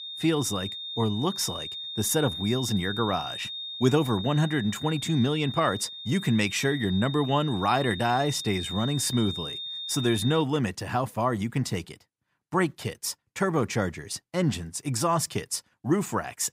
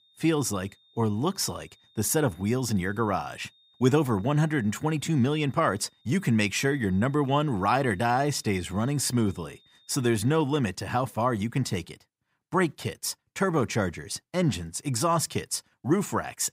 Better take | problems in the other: second | high-pitched whine; loud; until 10 s; 3.5 kHz, 8 dB below the speech; faint in the second

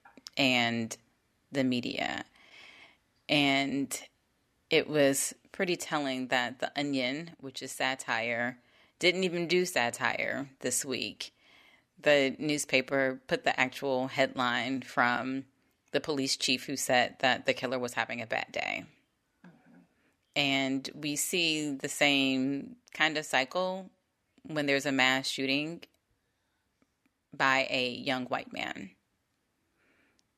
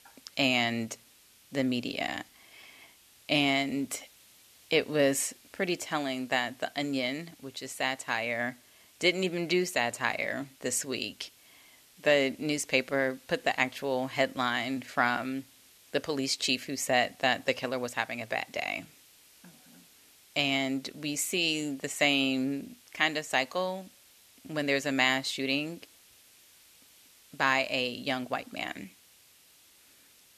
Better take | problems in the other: first | hiss; faint; throughout; 25 dB below the speech

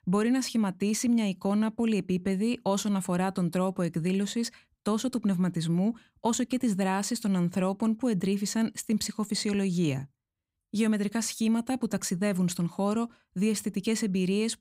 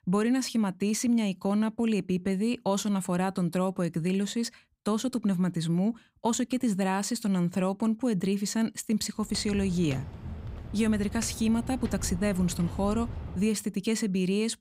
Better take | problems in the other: first | footsteps; noticeable; from 9 to 13 s; peak 9 dB below the speech

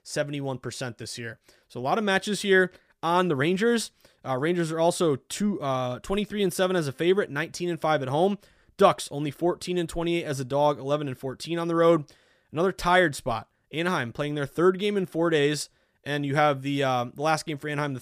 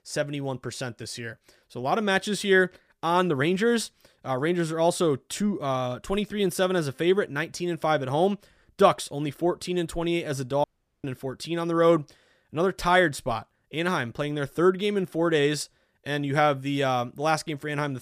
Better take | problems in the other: first | audio cutting out; at 11 s

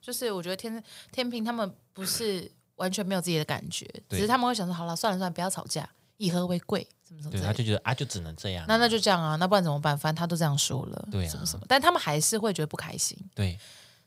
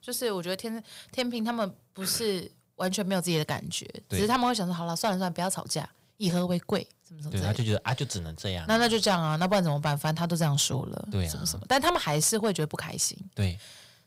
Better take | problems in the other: first | distortion; slight; 2% of the sound clipped

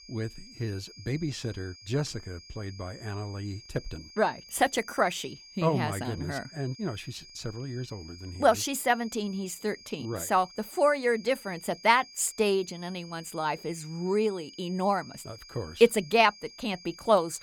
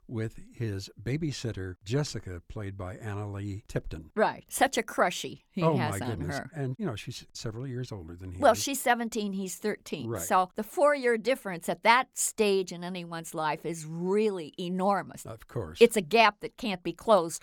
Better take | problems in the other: second | high-pitched whine; noticeable; throughout; 5 kHz, 20 dB below the speech

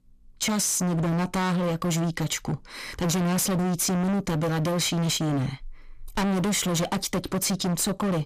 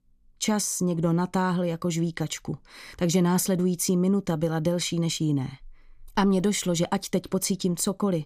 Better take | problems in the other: second | distortion; heavy; 36% of the sound clipped

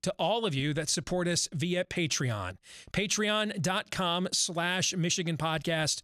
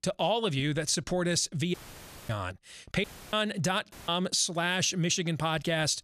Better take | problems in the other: first | audio cutting out; filled with static; at 1.5 s for 0.5 s, at 3 s and at 4 s

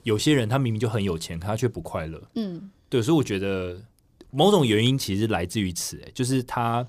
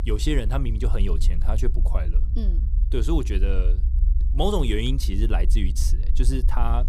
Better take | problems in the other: first | low rumble; noticeable; throughout; 15 dB below the speech

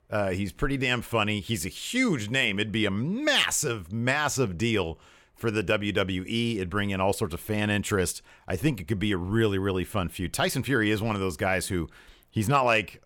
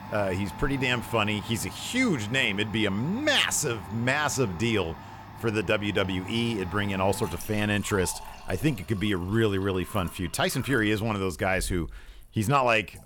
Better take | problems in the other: first | household noises; noticeable; throughout; 15 dB below the speech

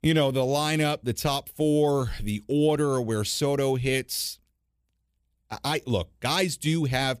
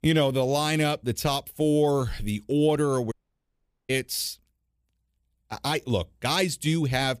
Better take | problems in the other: first | audio cutting out; at 3 s for 1 s

